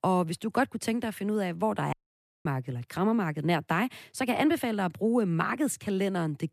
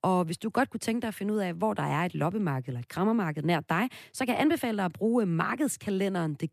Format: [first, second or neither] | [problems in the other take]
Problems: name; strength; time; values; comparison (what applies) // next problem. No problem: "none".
second | audio cutting out; at 2 s for 0.5 s